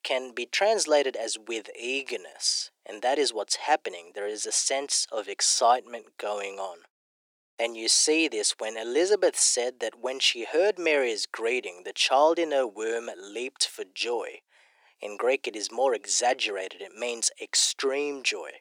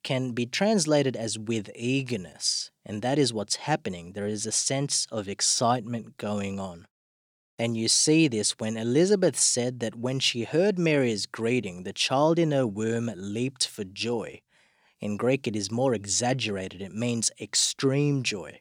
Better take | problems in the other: second | thin; very; fading below 350 Hz

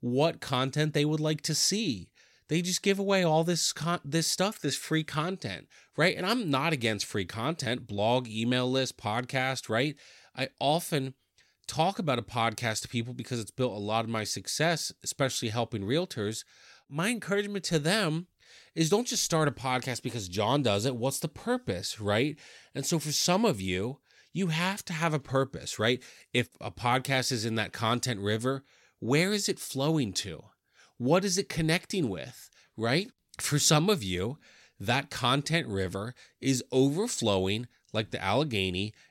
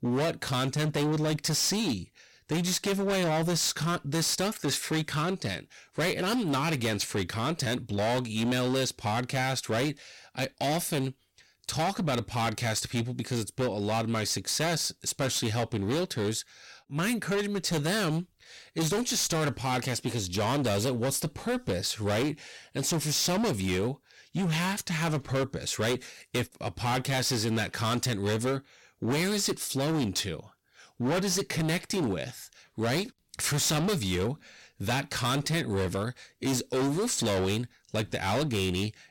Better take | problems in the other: first | distortion; heavy; 21% of the sound clipped

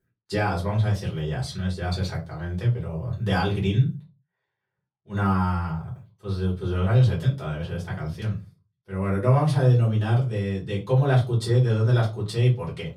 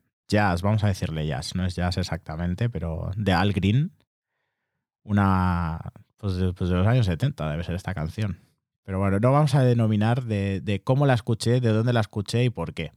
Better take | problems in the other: second | off-mic speech; far // room echo; very slight; dies away in 0.2 s

